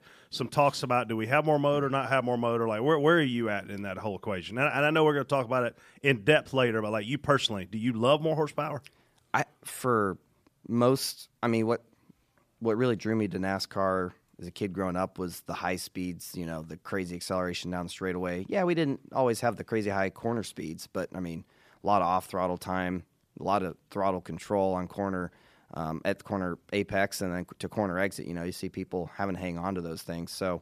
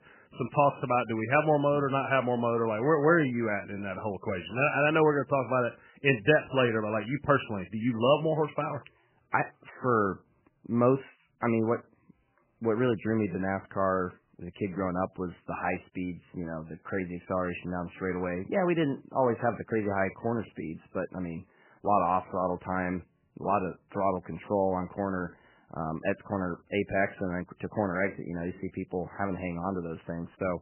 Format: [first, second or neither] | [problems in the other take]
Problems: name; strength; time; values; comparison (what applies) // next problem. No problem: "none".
first | garbled, watery; badly; nothing above 3 kHz